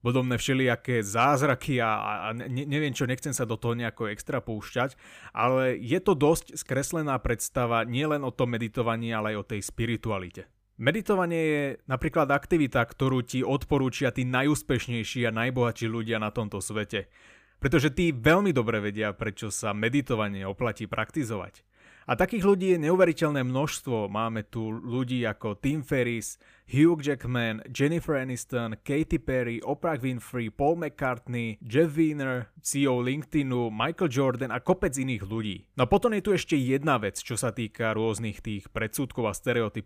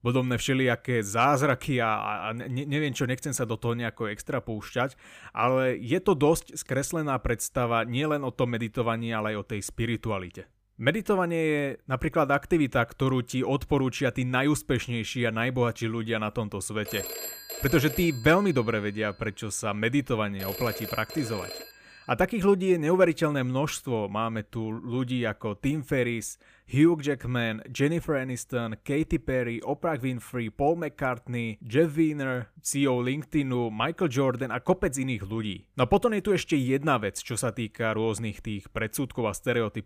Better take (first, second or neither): first